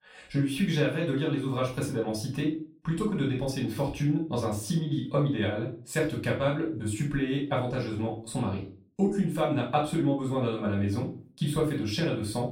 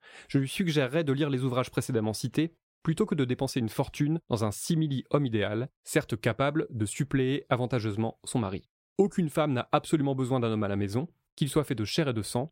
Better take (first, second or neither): second